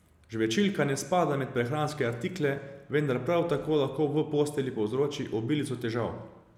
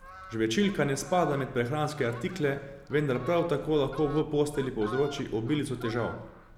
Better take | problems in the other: first | background sound (Fowl); 16 dB below the speech

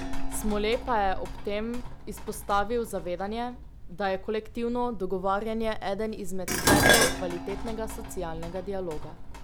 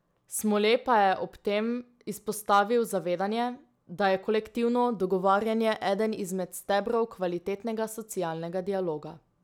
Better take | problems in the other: second | background sound (Dishes, pots, and pans + Squeak / Walk, footsteps); 1 dB above the speech

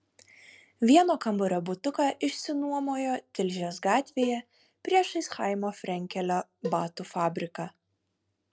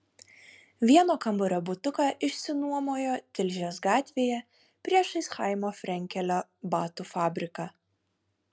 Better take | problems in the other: second | noise reduction (neural separator model SepFormer DNS4)

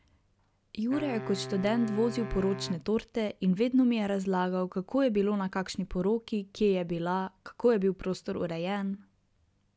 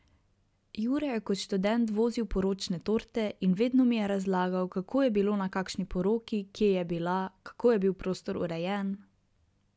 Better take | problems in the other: second | background sound (Wind instrument, woodwind instrument); 12 dB below the speech

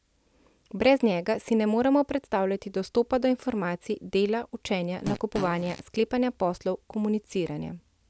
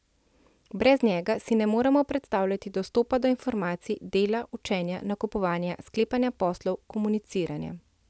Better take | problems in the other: second | background sound (Fart); 11 dB below the speech

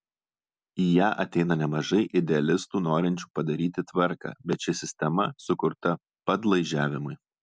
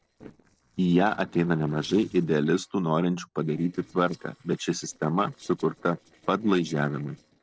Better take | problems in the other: first | noise reduction (neural separator model SepFormer DNS4)

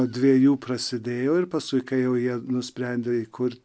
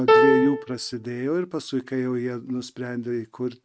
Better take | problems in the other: first | noise reduction (neural mask model RNNoise)

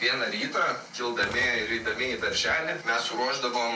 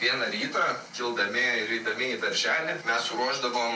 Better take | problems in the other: second | background sound (Typewriter); 17 dB below the speech

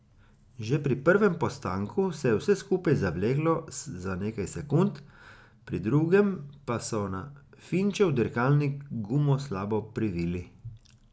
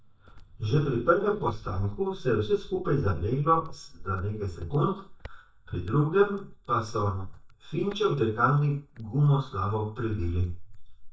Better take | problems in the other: first | noise reduction (neural mask model DeepFilterNet 3)

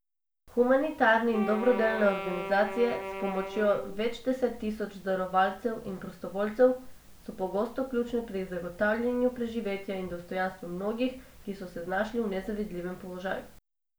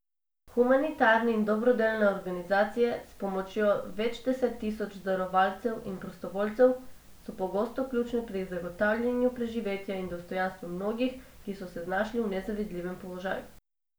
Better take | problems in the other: second | background sound (Wind instrument, woodwind instrument); 8 dB below the speech

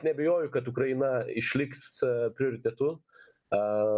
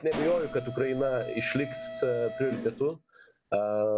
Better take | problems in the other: first | background sound (Mechanisms); 10 dB below the speech

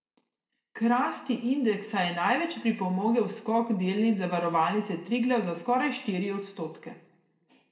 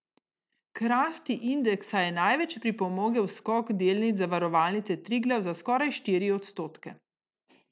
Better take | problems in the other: second | room echo; dies away in 0.7 s

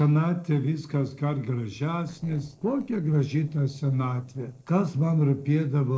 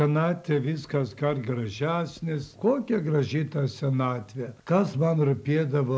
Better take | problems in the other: second | noise reduction (neural separator model SepFormer DNS4)

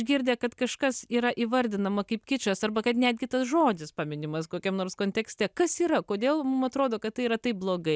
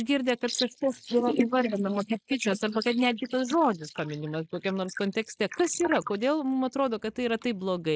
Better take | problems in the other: first | noise reduction (neural mask model Resemble Enhance denoiser)

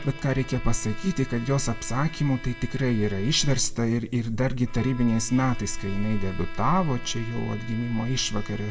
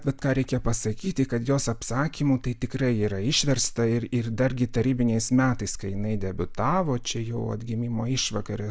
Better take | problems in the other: second | background sound (Bowed string instrument); 18 dB below the speech // room echo; dies away in 0.5 s

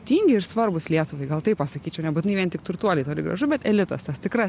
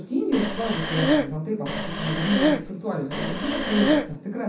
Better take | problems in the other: first | background sound (Breathing); 2 dB above the speech // room echo; dies away in 0.7 s

